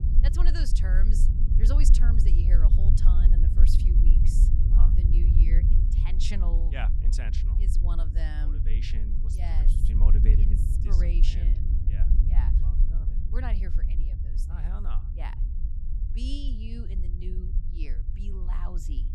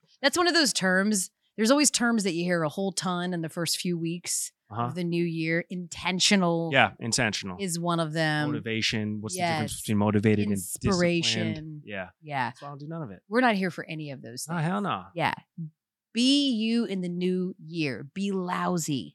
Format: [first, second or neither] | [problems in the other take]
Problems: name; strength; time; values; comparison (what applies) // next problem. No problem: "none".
second | low rumble; loud; throughout; 2 dB below the speech